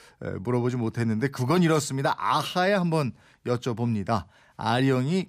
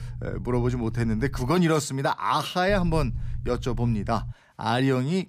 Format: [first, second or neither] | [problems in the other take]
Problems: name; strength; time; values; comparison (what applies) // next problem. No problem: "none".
first | low rumble; faint; until 1.5 s and from 2.5 to 4.5 s; 25 dB below the speech